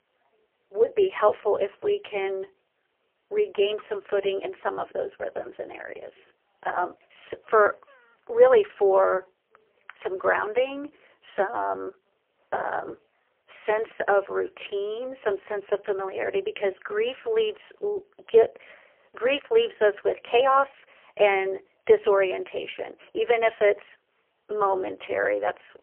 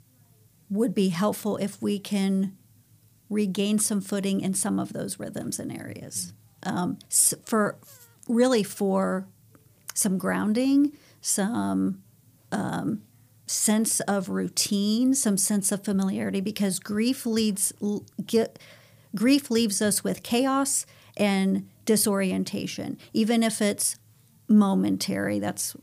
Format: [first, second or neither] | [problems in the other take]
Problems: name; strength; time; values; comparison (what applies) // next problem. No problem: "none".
second | phone-call audio; poor line; nothing above 3 kHz